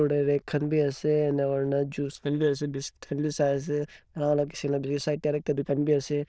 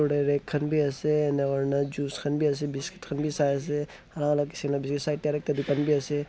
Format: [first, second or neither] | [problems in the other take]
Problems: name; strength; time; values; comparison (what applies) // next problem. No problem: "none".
second | noise reduction (neural diffusion model UNIVERSE++)